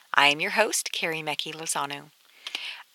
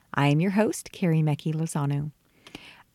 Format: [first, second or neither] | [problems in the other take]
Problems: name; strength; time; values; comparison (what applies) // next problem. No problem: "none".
second | thin; very; fading below 800 Hz